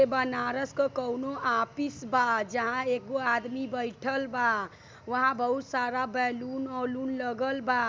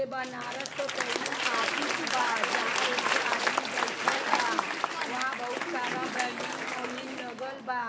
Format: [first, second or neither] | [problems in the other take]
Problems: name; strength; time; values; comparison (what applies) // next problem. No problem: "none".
first | background sound (Applause / Crowd); 4 dB above the speech // room echo; dies away in 2.9 s